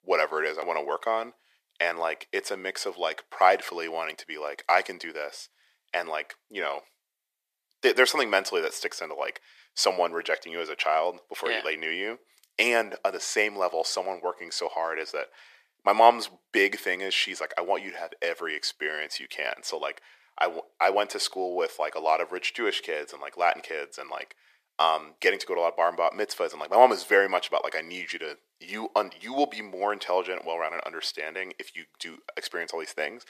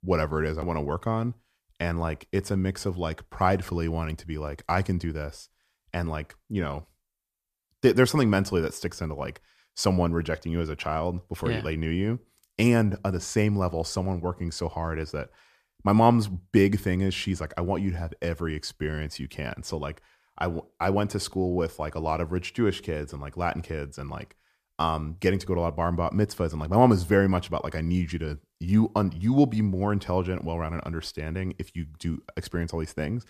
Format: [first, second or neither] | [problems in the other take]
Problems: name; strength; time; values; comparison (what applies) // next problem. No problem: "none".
second | thin; very; fading below 400 Hz